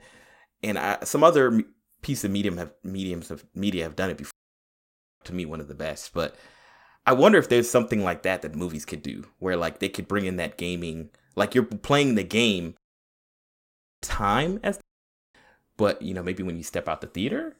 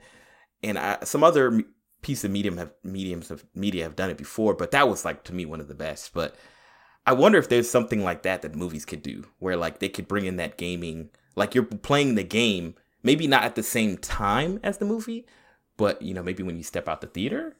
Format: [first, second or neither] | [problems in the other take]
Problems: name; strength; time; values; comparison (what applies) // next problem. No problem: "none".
second | audio cutting out; at 4.5 s for 1 s, at 13 s for 1.5 s and at 15 s for 0.5 s